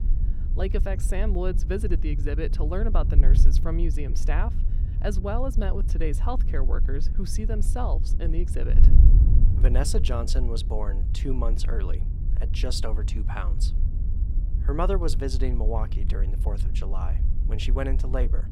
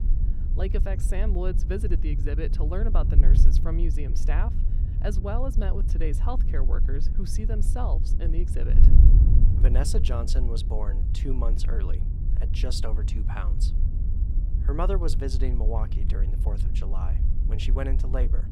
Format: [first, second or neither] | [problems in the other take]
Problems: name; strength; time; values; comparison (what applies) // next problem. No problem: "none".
first | wind noise on the microphone; heavy; 7 dB below the speech; occasional gusts in the first